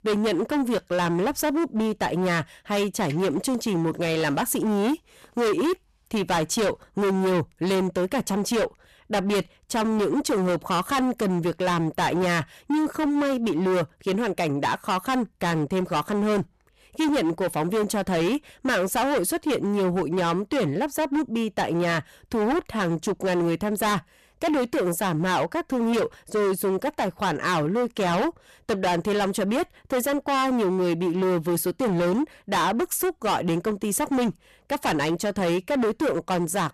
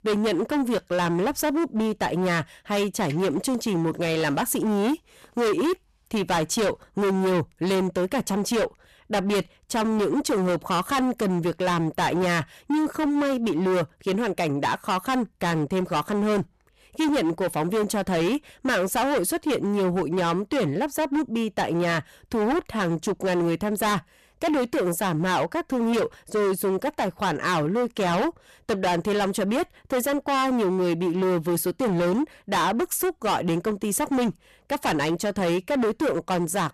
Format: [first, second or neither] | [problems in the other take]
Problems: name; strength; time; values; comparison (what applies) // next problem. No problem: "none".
neither | distortion; heavy; 25% of the sound clipped; the same in both